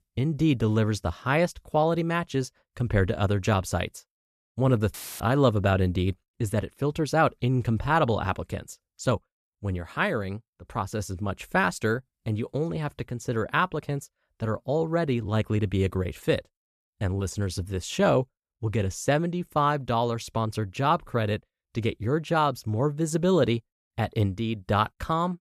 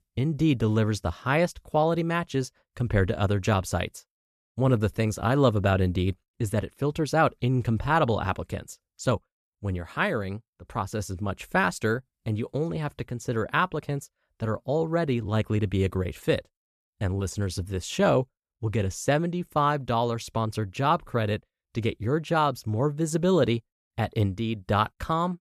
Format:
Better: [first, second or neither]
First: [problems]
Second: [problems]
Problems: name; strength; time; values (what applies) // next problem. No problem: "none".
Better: second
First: audio cutting out; filled with static; at 5 s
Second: none